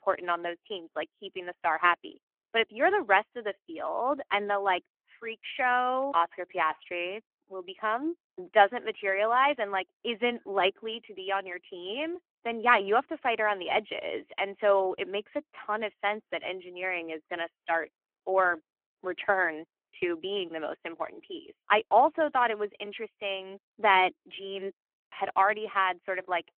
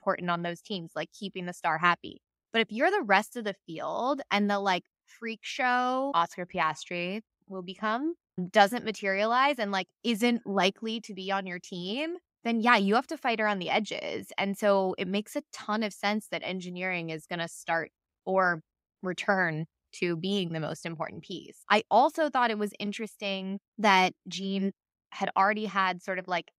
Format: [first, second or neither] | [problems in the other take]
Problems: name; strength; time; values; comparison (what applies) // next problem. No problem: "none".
second | phone-call audio; nothing above 3 kHz